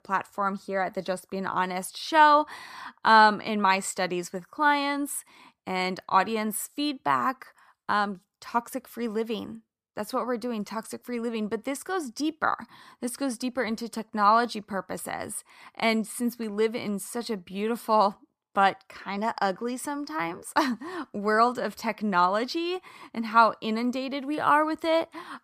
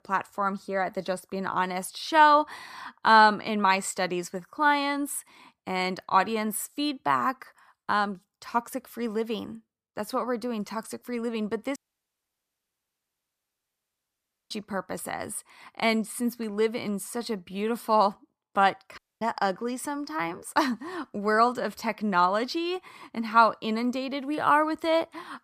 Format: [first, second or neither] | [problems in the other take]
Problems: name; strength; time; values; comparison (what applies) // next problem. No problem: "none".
first | audio cutting out; at 12 s for 2.5 s and at 19 s